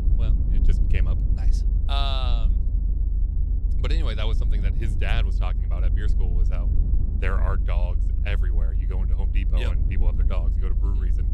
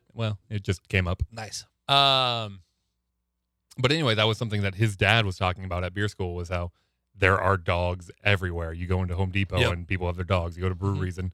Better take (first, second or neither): second